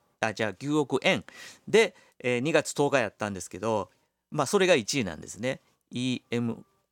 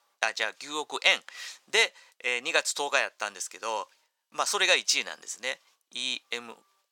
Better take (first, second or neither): first